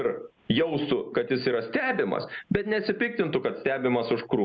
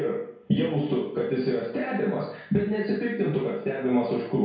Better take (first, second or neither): first